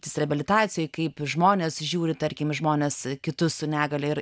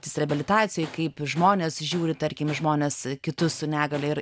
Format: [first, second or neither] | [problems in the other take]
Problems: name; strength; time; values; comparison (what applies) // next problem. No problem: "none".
first | background sound (Tools); 20 dB below the speech